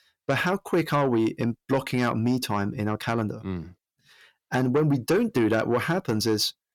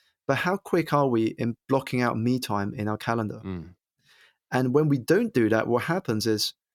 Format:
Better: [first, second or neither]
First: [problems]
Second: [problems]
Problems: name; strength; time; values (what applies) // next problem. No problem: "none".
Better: second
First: distortion; slight; 10 dB below the speech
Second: none